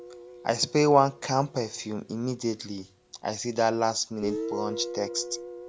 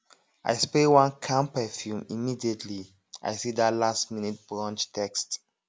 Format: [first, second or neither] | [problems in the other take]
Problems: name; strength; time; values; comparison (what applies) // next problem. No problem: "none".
second | background sound (Guitar); 12 dB below the speech